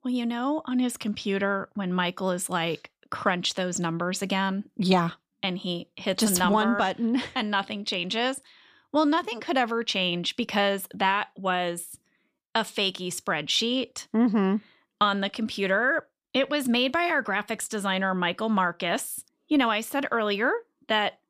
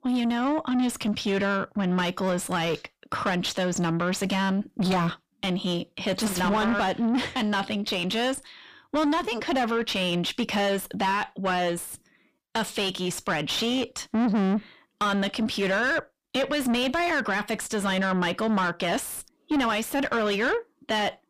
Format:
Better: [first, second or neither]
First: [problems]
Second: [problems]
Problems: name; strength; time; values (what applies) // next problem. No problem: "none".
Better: first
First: none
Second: distortion; heavy; 7 dB below the speech